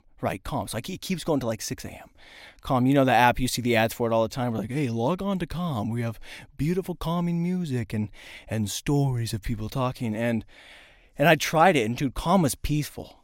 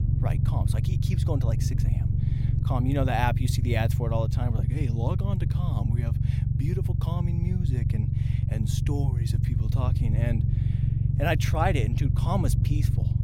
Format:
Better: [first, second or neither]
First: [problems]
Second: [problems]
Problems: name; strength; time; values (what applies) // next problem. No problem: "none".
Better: first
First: none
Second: low rumble; loud; throughout; 5 dB below the speech